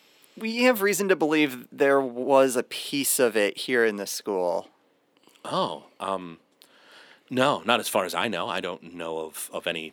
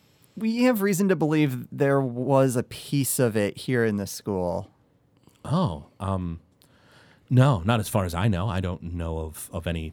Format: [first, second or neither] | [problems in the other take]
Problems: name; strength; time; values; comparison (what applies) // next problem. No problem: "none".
second | thin; somewhat; fading below 300 Hz